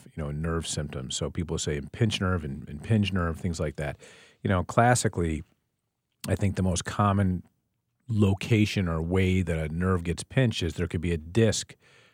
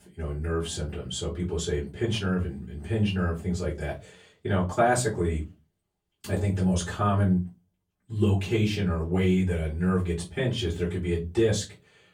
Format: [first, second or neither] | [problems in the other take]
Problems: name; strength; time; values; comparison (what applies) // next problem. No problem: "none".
first | off-mic speech; far // room echo; very slight; dies away in 0.2 s